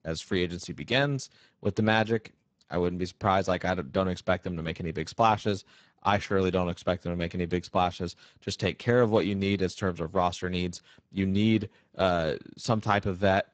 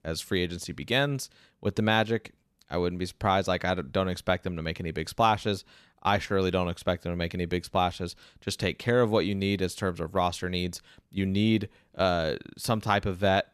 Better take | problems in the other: second | garbled, watery; badly; nothing above 8 kHz

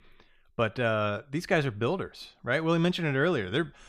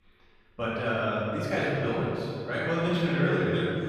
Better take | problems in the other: first | room echo; strong; dies away in 2.3 s // off-mic speech; far

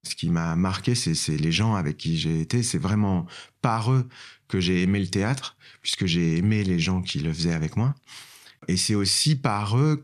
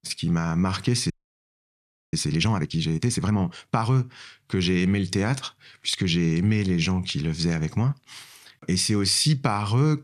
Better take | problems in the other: first | audio freezing; at 1 s for 1 s

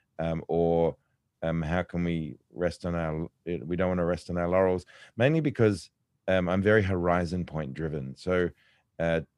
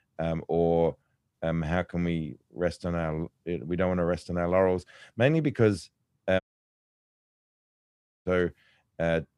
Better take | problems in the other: first | audio cutting out; at 6.5 s for 2 s

